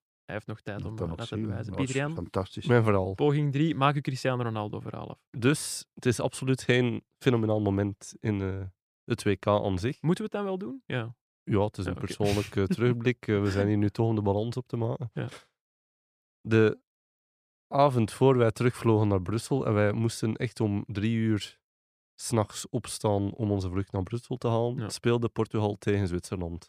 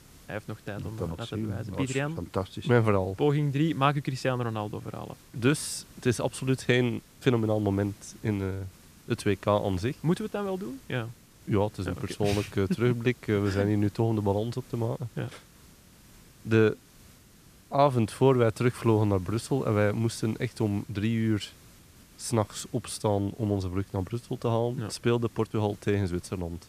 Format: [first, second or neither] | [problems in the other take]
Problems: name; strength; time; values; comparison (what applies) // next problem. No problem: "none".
first | hiss; faint; throughout; 25 dB below the speech